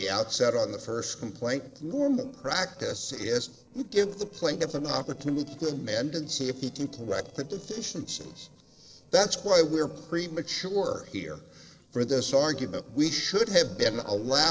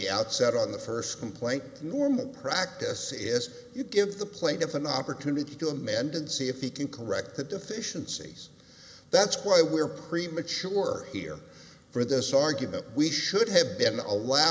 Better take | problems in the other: second | noise reduction (neural separator model SepFormer DNS4)

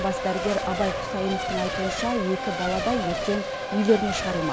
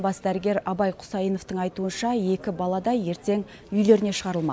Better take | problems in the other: second | background sound (Race car, auto racing / Accelerating, revving, vroom / Mechanisms); 2 dB below the speech

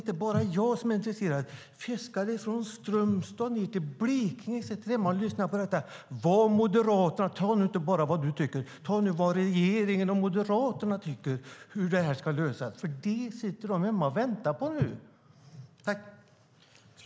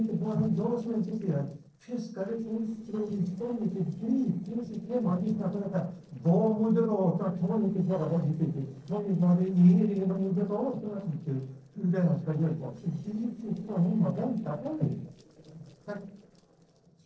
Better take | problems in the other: first | noise reduction (neural separator model SepFormer DNS4)

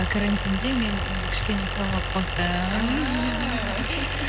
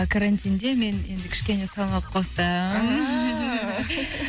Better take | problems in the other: second | background sound (Idling); 1 dB below the speech

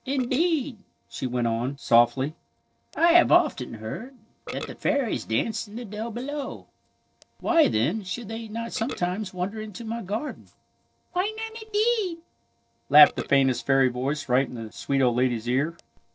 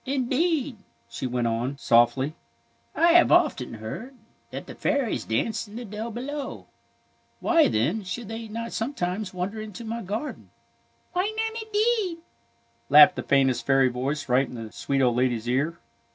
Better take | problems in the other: second | noise reduction (neural separator model SepFormer DNS4)

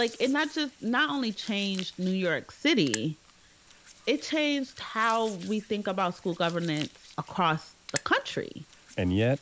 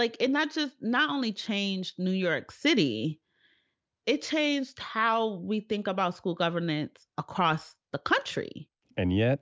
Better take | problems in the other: second | background sound (Hands); 17 dB below the speech

